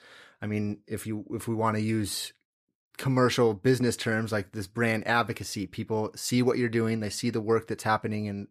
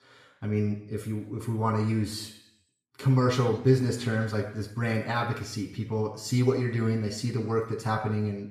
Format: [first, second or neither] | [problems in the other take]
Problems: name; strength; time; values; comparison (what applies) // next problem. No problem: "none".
first | room echo; noticeable; dies away in 0.7 s // off-mic speech; far